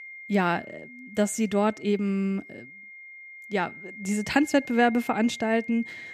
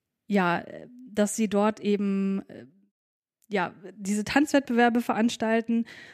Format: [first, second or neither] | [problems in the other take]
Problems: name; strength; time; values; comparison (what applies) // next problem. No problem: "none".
second | high-pitched whine; noticeable; throughout; 2 kHz, 15 dB below the speech